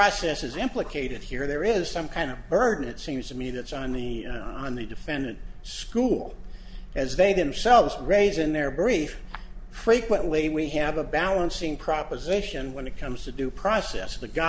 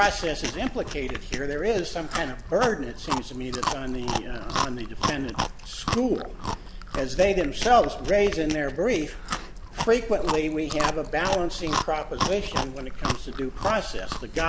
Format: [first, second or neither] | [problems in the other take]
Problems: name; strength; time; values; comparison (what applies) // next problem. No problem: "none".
first | background sound (Chewing, mastication); 6 dB below the speech